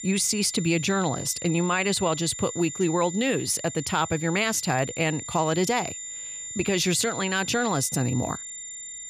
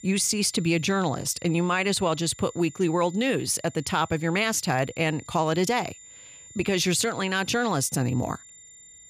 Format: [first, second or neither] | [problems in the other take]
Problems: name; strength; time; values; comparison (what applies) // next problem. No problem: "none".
second | high-pitched whine; loud; throughout; 7 kHz, 9 dB below the speech; faint in the second